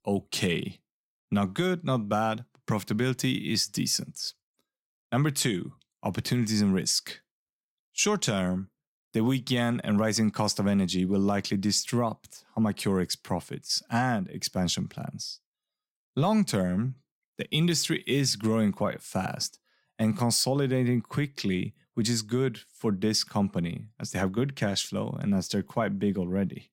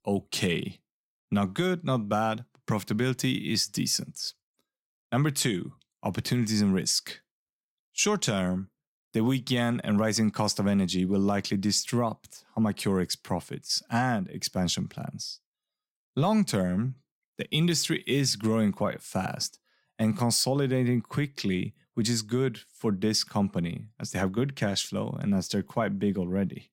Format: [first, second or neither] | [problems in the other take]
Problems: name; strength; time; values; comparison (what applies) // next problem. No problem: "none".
neither | none